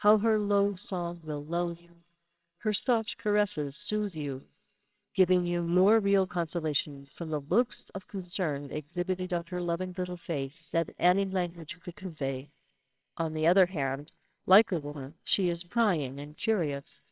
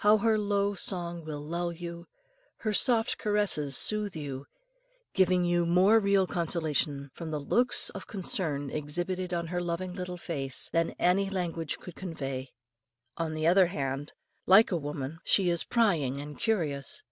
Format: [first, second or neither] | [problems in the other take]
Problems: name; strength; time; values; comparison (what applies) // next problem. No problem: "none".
second | noise reduction (neural separator model SepFormer WHAMR!)